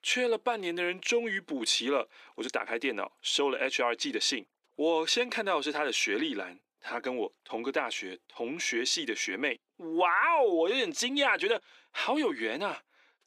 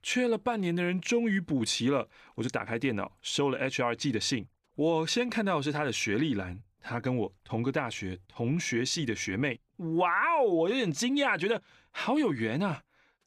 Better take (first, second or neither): second